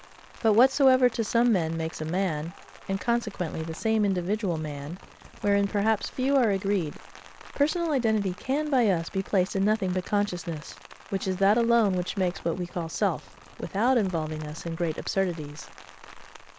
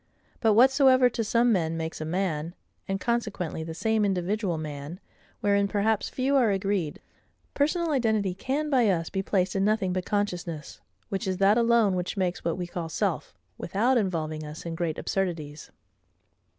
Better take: second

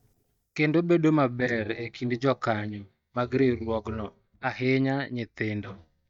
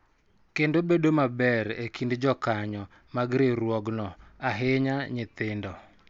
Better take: second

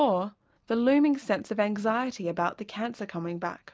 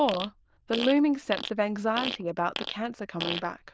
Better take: first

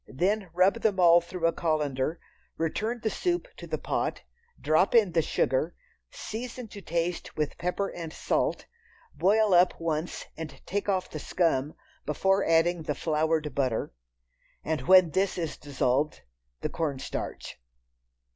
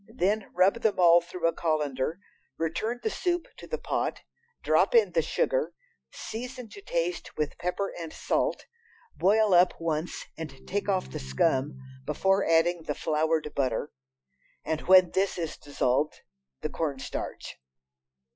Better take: first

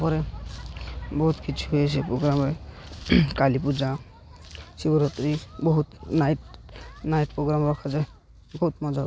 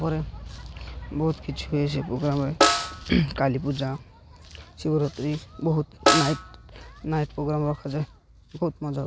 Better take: first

